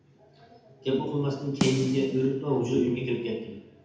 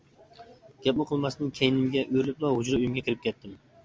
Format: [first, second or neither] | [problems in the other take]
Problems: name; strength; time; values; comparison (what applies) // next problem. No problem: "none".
second | background sound (Snare drum); 7 dB below the speech // room echo; dies away in 0.8 s